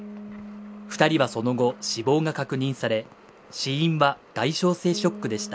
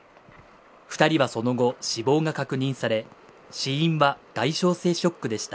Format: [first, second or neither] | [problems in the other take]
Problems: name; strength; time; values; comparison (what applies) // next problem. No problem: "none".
second | background sound (Bass guitar); 17 dB below the speech